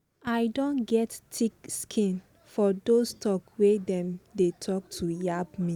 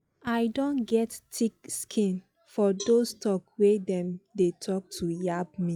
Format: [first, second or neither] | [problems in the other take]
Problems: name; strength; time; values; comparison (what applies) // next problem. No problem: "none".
first | noise reduction (classical method log-MMSE)